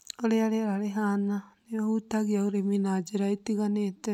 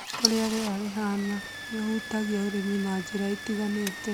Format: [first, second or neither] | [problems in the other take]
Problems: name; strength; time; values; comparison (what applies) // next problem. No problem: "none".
first | background sound (Engine starting / Car); 6 dB below the speech